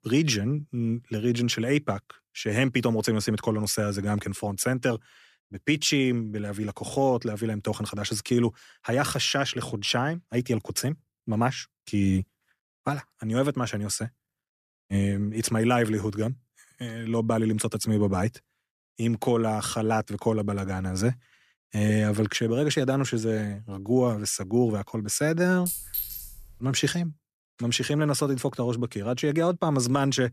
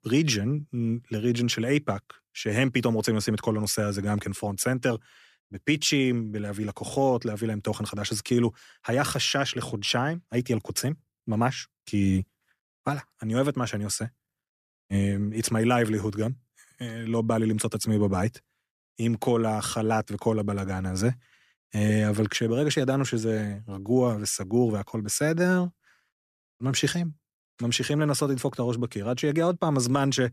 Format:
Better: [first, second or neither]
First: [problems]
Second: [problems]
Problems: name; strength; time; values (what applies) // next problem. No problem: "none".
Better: second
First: clattering dishes; noticeable; at 26 s; peak 2 dB below the speech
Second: none